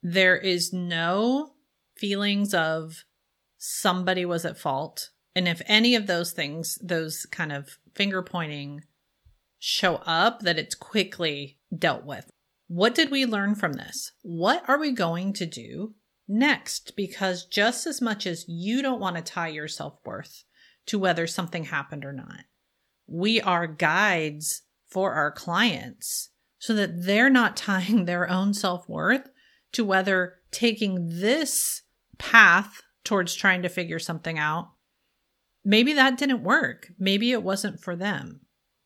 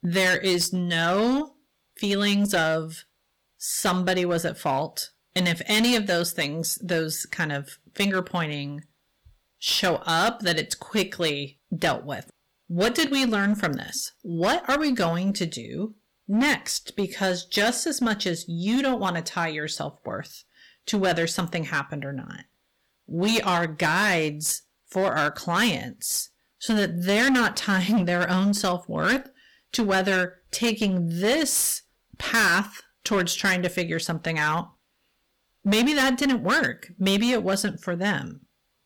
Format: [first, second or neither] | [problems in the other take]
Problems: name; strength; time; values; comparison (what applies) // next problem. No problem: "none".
first | distortion; heavy; 10% of the sound clipped